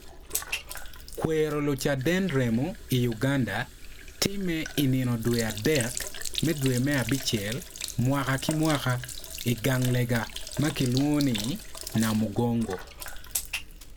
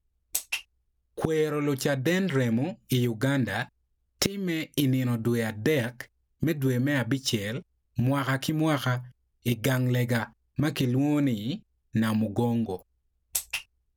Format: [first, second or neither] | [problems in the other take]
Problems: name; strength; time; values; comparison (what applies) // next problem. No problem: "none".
second | background sound (Sink (filling or washing)); 10 dB below the speech